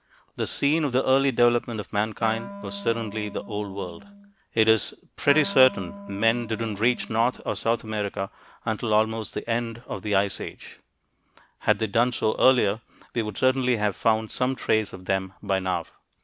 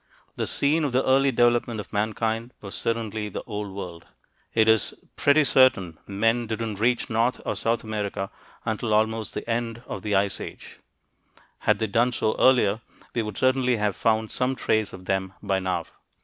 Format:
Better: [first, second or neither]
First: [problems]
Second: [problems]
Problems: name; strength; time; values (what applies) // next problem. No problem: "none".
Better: second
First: background sound (Wind instrument, woodwind instrument); 14 dB below the speech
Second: none